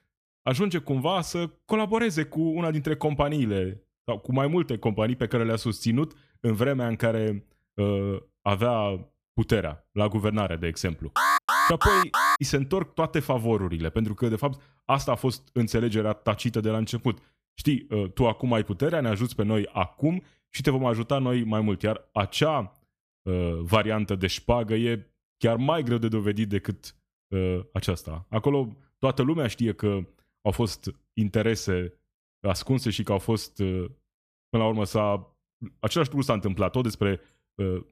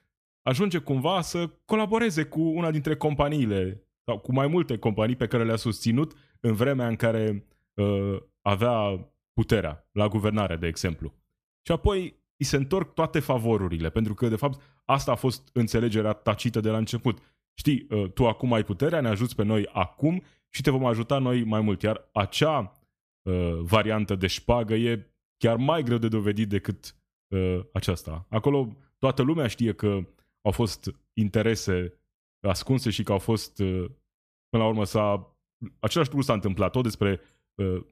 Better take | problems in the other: second | alarm; loud; from 11 to 12 s; peak 6 dB above the speech

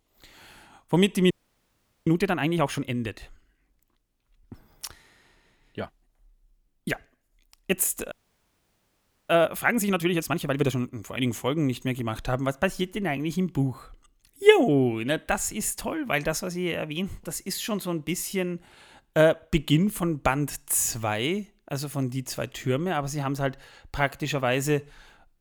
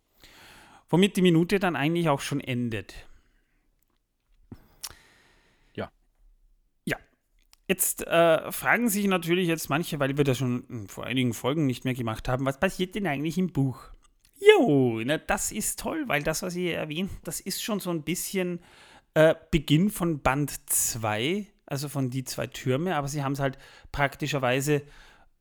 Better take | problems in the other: second | audio freezing; at 1.5 s for 1 s and at 8 s for 1 s

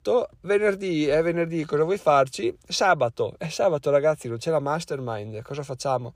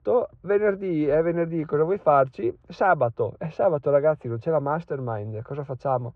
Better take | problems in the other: first | muffled; very; fading above 1 kHz

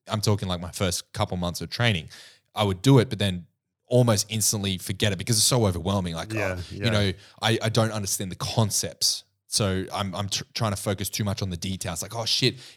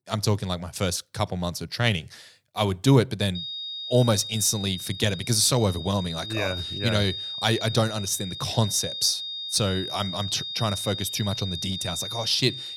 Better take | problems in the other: first | high-pitched whine; loud; from 3.5 s on; 3.5 kHz, 7 dB below the speech

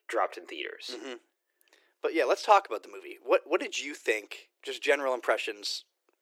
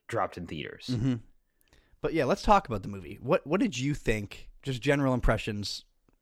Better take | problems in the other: second | thin; very; fading below 350 Hz

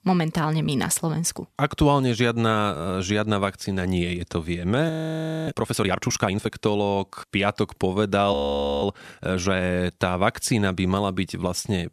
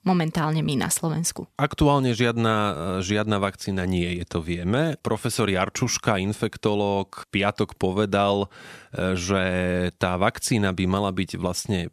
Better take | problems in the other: second | audio freezing; at 5 s for 0.5 s and at 8.5 s

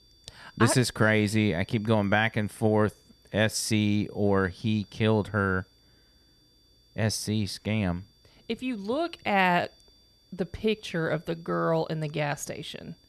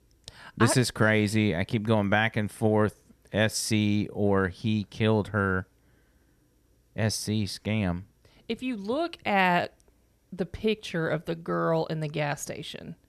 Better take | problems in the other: second | high-pitched whine; faint; throughout; 4.5 kHz, 30 dB below the speech

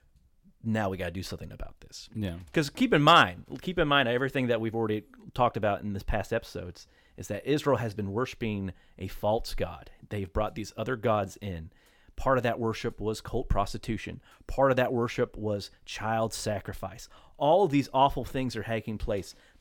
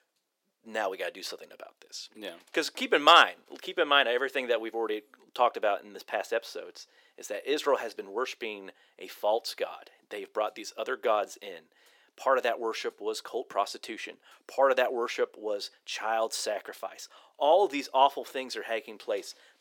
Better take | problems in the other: first | thin; somewhat; fading below 350 Hz

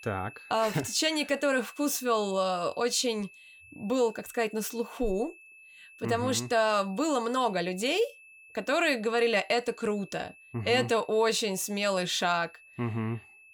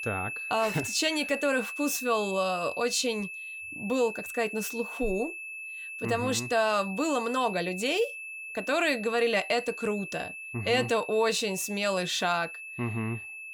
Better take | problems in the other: first | high-pitched whine; loud; throughout; 2.5 kHz, 8 dB below the speech; faint in the first

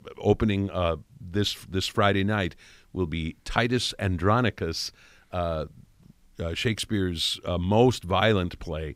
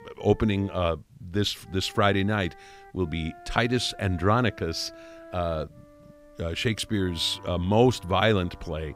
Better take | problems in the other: first | background music; faint; throughout; 20 dB below the speech

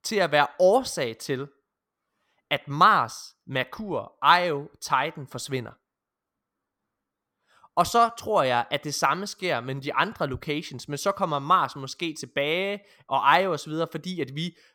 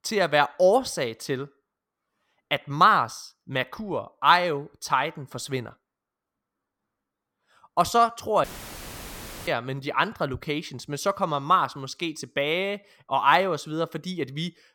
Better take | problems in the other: first | audio cutting out; filled with static; at 8.5 s for 1 s

